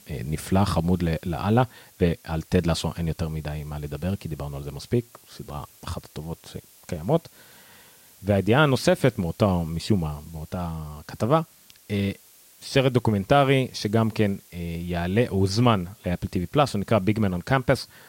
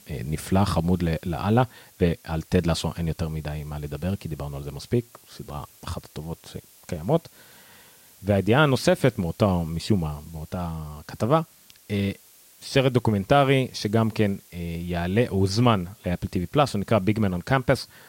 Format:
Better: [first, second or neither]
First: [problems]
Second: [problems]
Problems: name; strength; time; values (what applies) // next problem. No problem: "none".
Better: neither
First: hiss; faint; throughout; 25 dB below the speech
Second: hiss; faint; throughout; 25 dB below the speech